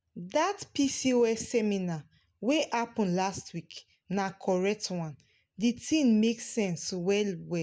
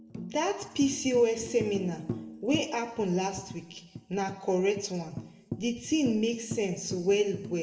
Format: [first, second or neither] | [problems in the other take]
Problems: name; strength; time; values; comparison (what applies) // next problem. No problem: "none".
first | background sound (Tambourine); 12 dB below the speech // room echo; dies away in 0.8 s